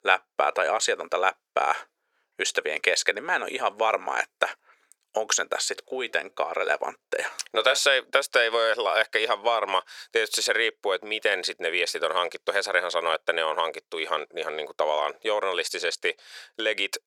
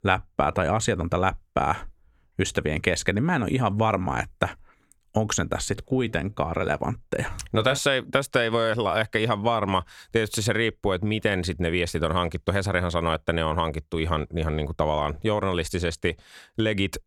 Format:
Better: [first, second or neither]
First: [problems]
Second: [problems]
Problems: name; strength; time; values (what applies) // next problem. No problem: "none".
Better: second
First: thin; very; fading below 450 Hz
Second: none